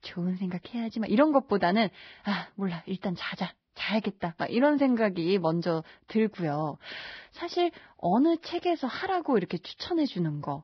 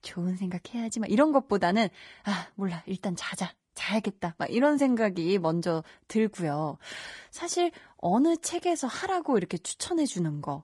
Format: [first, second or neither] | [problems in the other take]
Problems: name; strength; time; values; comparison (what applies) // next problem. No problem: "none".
second | garbled, watery; badly; nothing above 5.5 kHz; slightly in the second